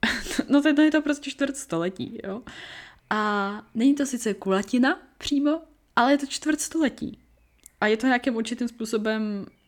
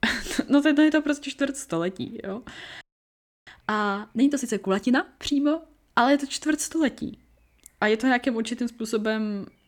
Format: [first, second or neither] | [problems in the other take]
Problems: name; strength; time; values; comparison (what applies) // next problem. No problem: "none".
first | audio freezing; at 3 s for 0.5 s